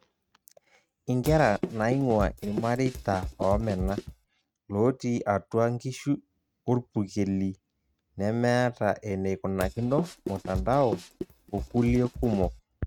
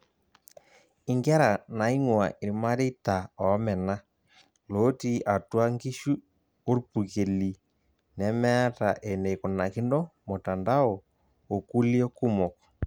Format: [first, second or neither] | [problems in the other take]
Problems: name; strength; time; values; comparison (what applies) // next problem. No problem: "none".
second | noise reduction (neural mask model RNNoise)